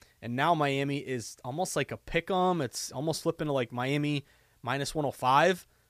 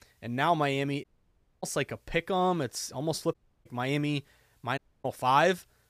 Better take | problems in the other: first | audio cutting out; at 1 s for 0.5 s, at 3.5 s and at 5 s

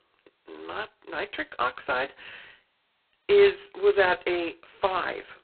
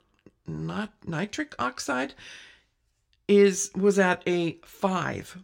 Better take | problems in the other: second | phone-call audio; poor line; nothing above 4 kHz

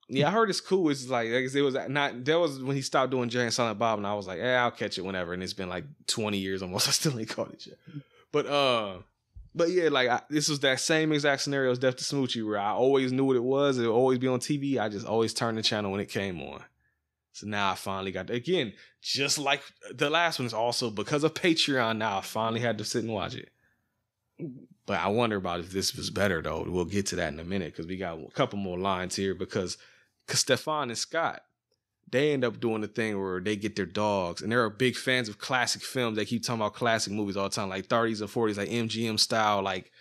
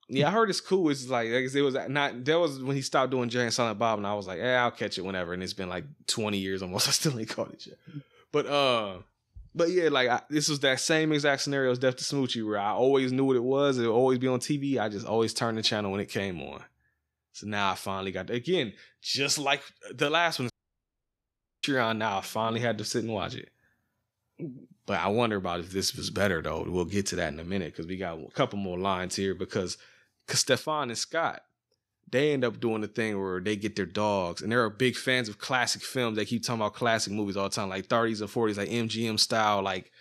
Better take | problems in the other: first | audio cutting out; at 21 s for 1 s

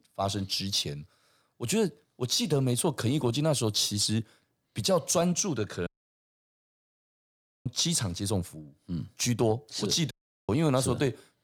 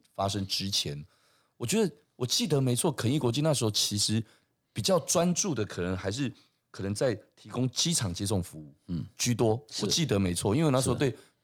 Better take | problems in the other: second | audio cutting out; at 6 s for 2 s and at 10 s

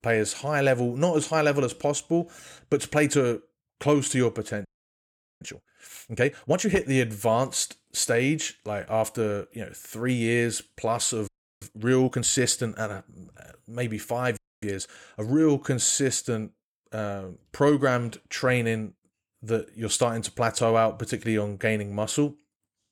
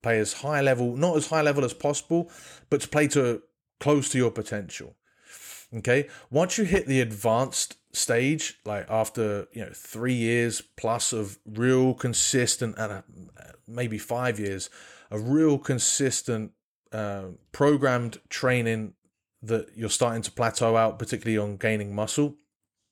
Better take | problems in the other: second | audio freezing; at 4.5 s for 1 s, at 11 s and at 14 s

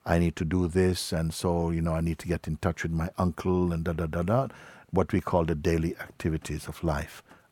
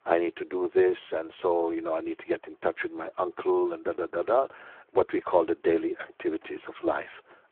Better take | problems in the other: first | phone-call audio; poor line

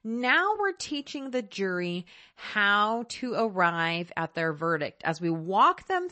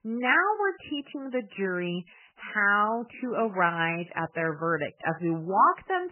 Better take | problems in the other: first | garbled, watery; badly; nothing above 3 kHz; slightly in the first

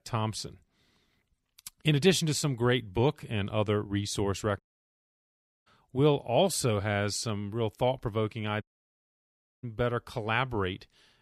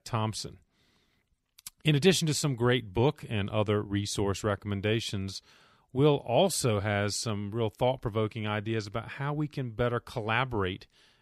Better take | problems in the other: second | audio cutting out; at 4.5 s for 1 s and at 8.5 s for 1 s

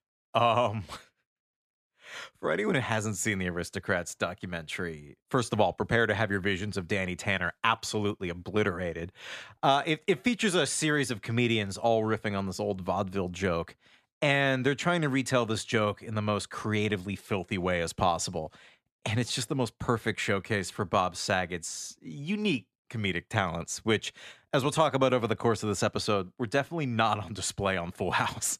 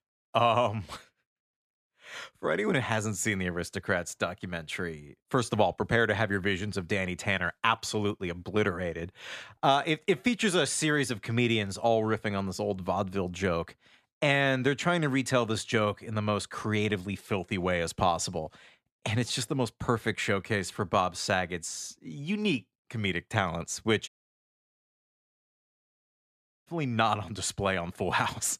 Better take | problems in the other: first | audio cutting out; at 24 s for 2.5 s

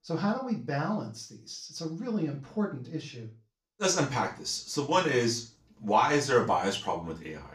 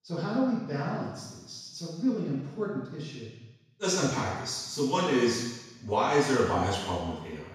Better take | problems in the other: first | room echo; strong; dies away in 1.1 s; slight in the first // off-mic speech; far; far in the first

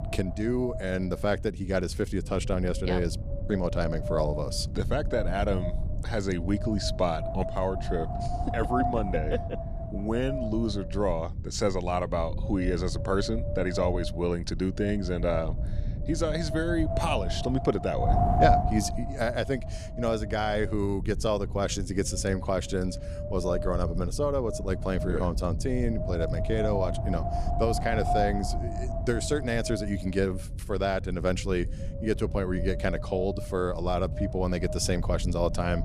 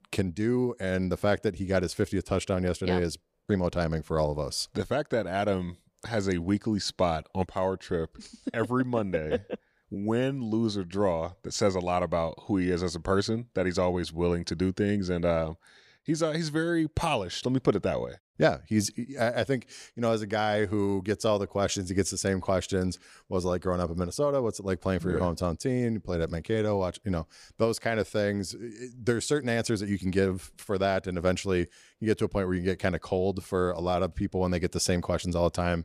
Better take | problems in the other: second | wind noise on the microphone; heavy; 4 dB below the speech

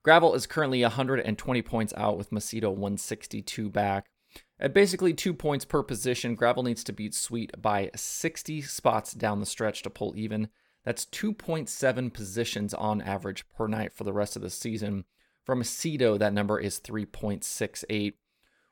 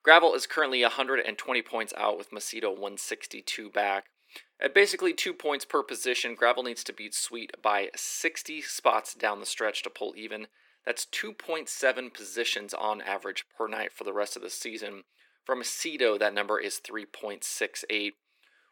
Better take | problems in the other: first | thin; very; fading below 300 Hz

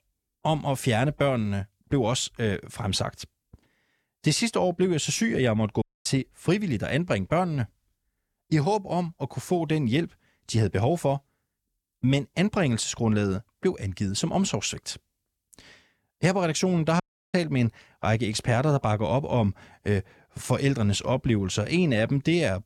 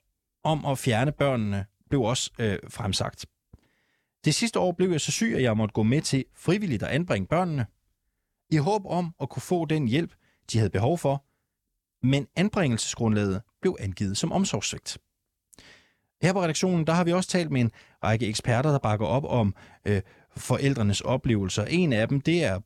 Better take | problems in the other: second | audio cutting out; at 6 s and at 17 s

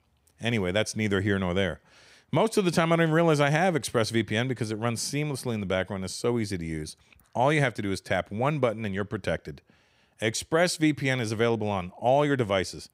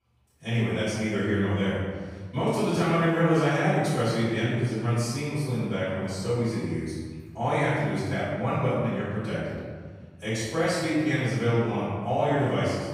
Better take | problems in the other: first | off-mic speech; far // room echo; strong; dies away in 1.7 s

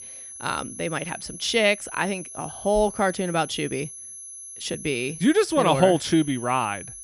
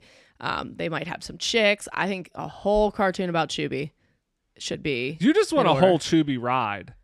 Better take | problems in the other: second | high-pitched whine; noticeable; throughout; 11 kHz, 15 dB below the speech

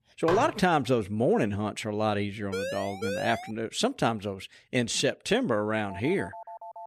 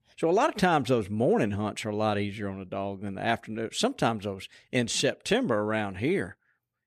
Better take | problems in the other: second | clattering dishes; noticeable; at 0.5 s; peak 5 dB below the speech // siren; noticeable; at 2.5 s; peak 5 dB below the speech // phone ringing; faint; at 6 s; peak 15 dB below the speech

